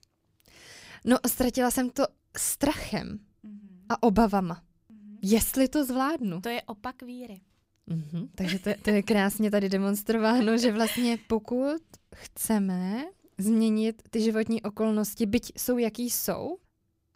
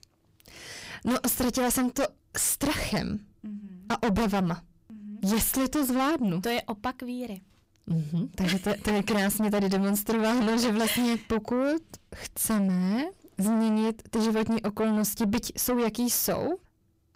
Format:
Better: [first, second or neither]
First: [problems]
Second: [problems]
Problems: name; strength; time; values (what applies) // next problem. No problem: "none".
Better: first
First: none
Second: distortion; heavy; 6 dB below the speech